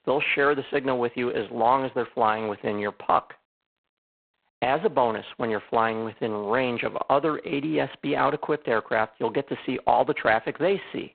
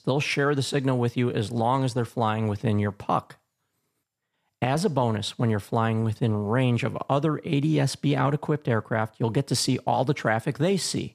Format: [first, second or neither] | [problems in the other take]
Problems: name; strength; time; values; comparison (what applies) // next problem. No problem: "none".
second | phone-call audio; poor line; nothing above 4 kHz